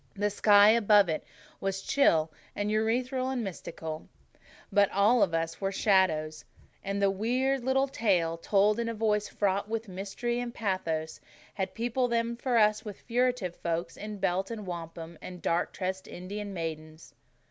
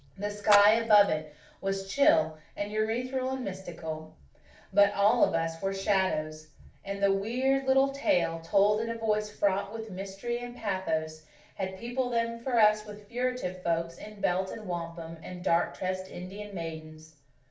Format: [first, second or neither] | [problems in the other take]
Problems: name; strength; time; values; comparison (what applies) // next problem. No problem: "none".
first | background sound (Splash, splatter); 9 dB below the speech // room echo; dies away in 0.4 s